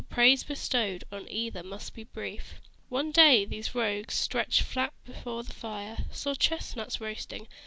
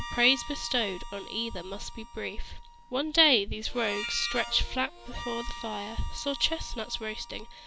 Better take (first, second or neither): first